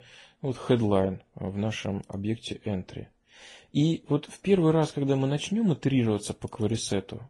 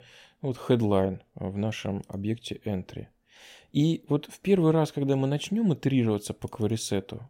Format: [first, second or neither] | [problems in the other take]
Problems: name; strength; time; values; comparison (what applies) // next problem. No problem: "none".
second | garbled, watery; slightly; nothing above 10 kHz